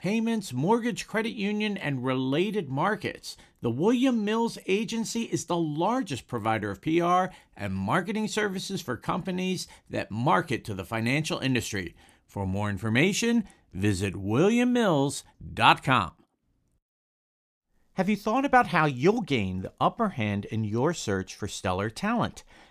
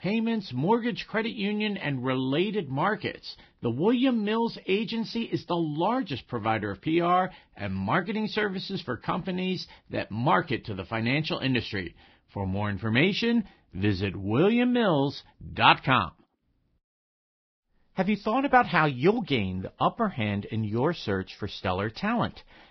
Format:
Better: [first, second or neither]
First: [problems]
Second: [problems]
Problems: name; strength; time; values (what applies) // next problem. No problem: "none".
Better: first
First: none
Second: garbled, watery; badly; nothing above 5.5 kHz